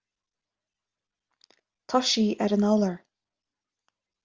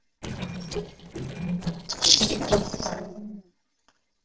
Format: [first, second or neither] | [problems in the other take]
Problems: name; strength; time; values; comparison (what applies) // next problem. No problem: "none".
first | noise reduction (neural separator model SepFormer DNS4)